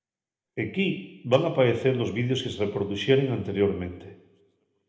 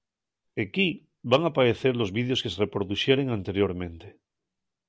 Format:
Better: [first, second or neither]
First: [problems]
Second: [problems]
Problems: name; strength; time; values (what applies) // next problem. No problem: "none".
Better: second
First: room echo; dies away in 0.7 s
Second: none